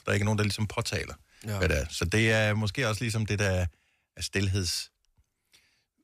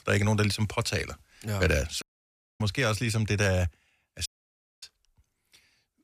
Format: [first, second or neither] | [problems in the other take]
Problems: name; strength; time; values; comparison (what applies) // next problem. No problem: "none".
first | audio cutting out; at 2 s for 0.5 s and at 4.5 s for 0.5 s